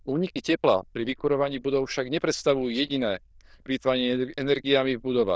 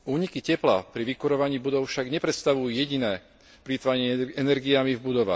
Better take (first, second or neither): second